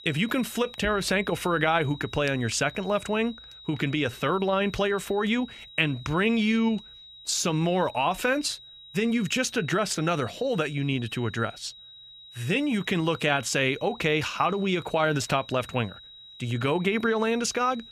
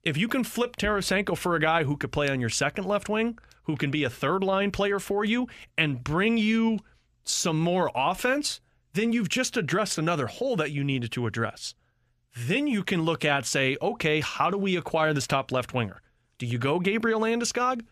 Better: second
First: high-pitched whine; noticeable; throughout; 4 kHz, 20 dB below the speech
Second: none

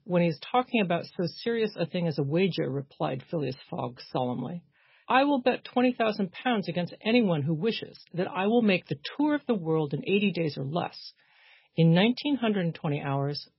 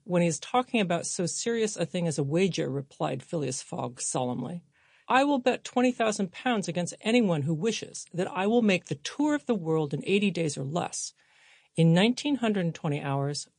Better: second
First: garbled, watery; badly; nothing above 5.5 kHz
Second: garbled, watery; slightly; nothing above 9 kHz

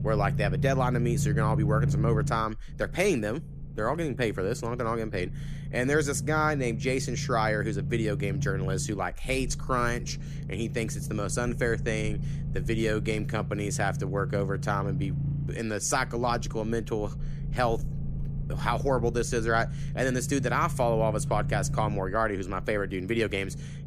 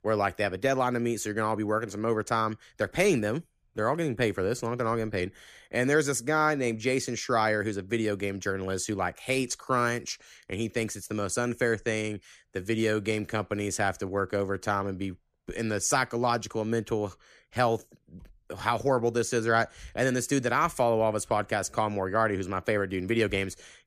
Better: second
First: low rumble; noticeable; throughout; 15 dB below the speech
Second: none

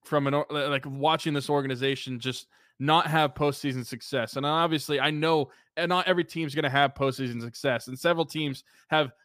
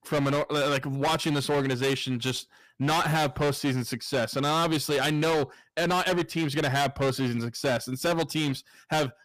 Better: first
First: none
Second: distortion; heavy; 21% of the sound clipped

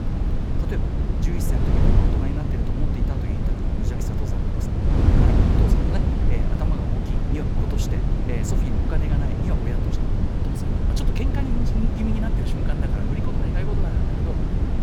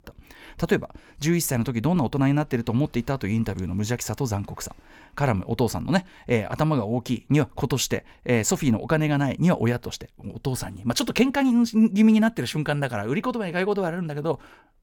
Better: second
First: wind noise on the microphone; heavy; 5 dB above the speech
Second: none

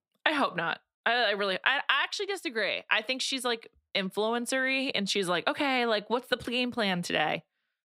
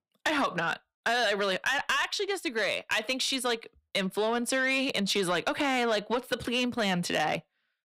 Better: first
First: none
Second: distortion; slight; 10 dB below the speech

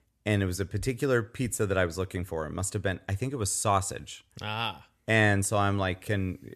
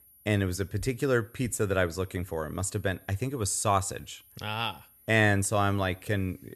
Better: first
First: none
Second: high-pitched whine; faint; throughout; 11.5 kHz, 25 dB below the speech

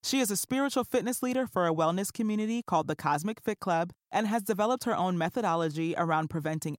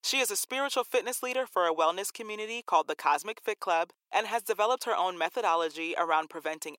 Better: first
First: none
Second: thin; very; fading below 400 Hz

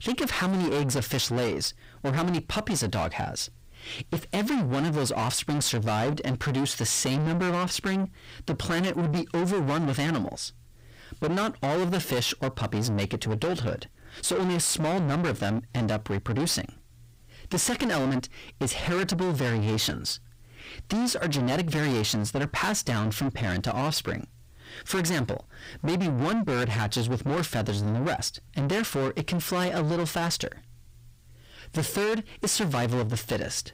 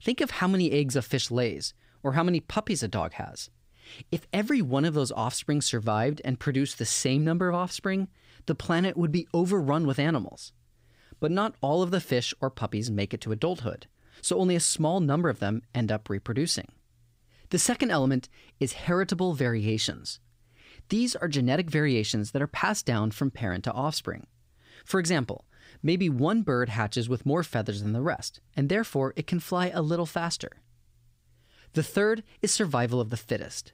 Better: second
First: distortion; heavy; 6 dB below the speech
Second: none

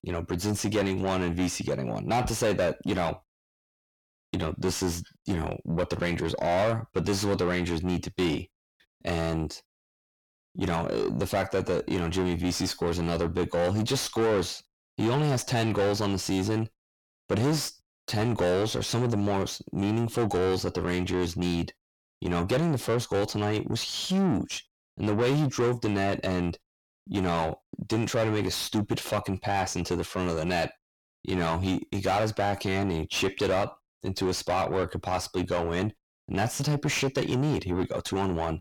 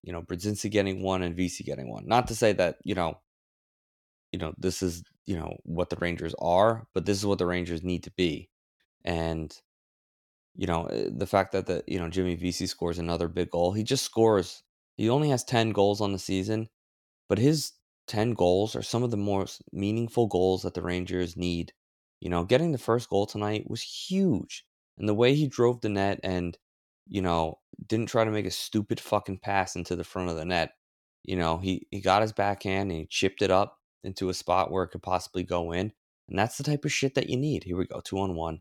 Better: second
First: distortion; heavy; 5 dB below the speech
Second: none

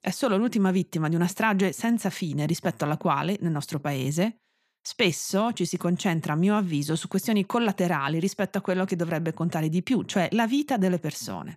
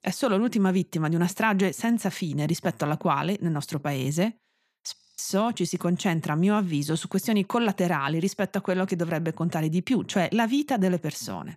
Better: first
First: none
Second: audio freezing; at 5 s

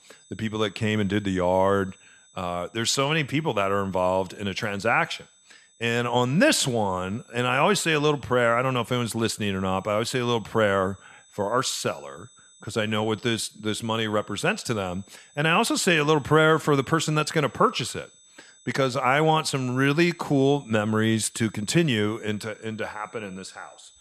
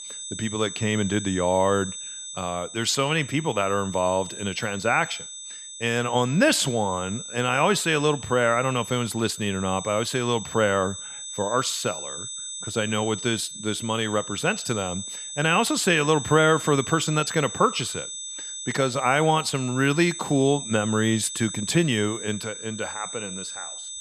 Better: first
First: high-pitched whine; faint; throughout; 8 kHz, 30 dB below the speech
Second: high-pitched whine; loud; throughout; 8 kHz, 9 dB below the speech

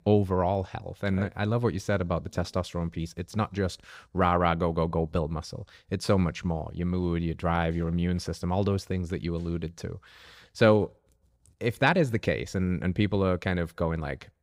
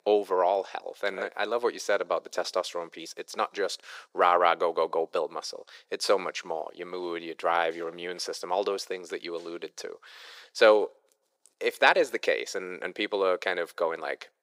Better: first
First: none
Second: thin; very; fading below 400 Hz

